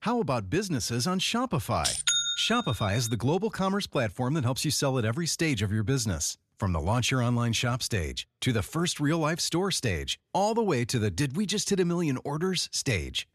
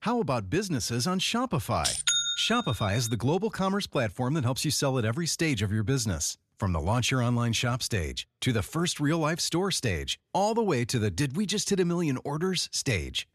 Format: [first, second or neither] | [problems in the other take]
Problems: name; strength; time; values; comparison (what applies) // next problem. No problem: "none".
neither | none